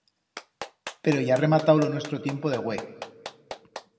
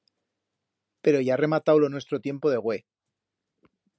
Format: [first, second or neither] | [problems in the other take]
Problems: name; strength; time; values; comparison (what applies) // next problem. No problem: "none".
second | background sound (Clapping); 15 dB below the speech // room echo; dies away in 1.4 s